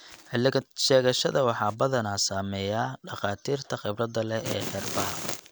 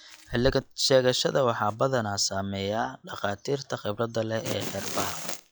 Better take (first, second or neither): first